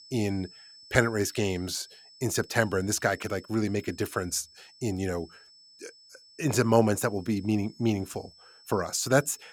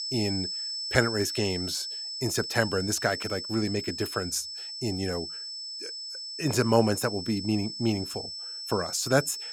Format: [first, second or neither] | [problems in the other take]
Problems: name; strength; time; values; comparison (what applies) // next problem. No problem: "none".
first | high-pitched whine; loud; throughout; 5.5 kHz, 5 dB below the speech; faint in the first